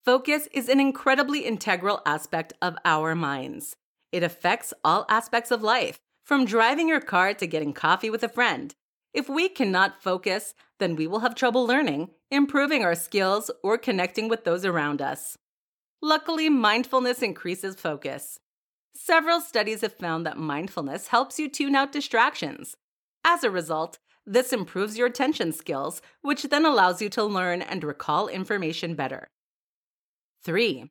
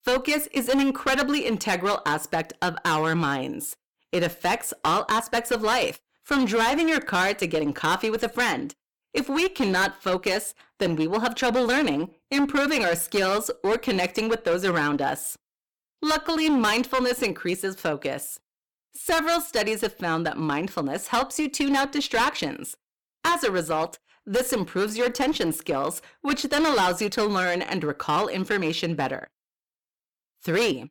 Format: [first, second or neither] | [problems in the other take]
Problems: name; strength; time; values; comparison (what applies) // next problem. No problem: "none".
first | distortion; heavy; 13% of the sound clipped